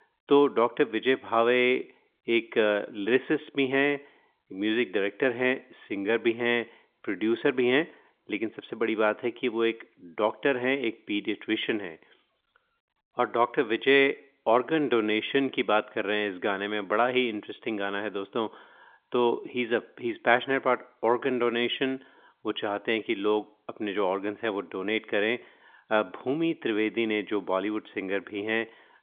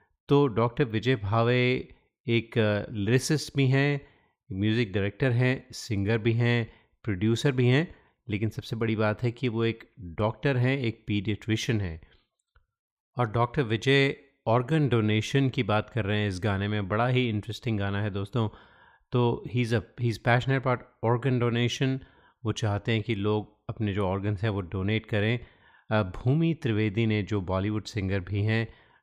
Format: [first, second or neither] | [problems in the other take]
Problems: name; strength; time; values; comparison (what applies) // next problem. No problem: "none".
second | phone-call audio; nothing above 3.5 kHz